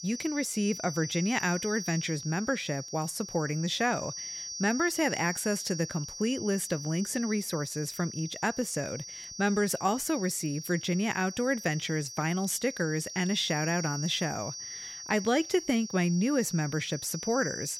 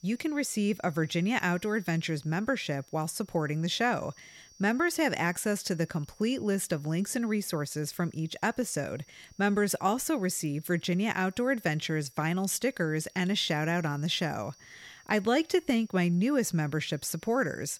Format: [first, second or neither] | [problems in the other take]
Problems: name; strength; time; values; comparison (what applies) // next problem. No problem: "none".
second | high-pitched whine; loud; throughout; 5.5 kHz, 8 dB below the speech; faint in the second